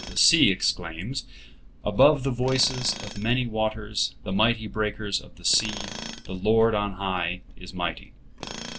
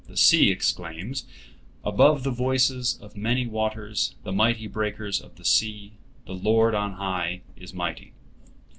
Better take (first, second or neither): second